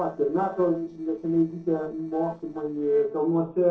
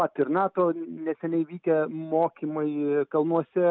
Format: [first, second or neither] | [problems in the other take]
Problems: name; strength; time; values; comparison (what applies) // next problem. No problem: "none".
second | noise reduction (neural separator model SepFormer DNS4)